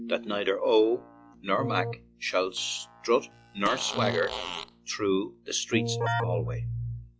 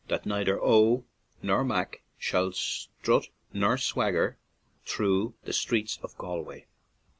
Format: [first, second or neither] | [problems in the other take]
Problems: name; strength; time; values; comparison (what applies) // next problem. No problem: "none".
second | noise reduction (classical method log-MMSE)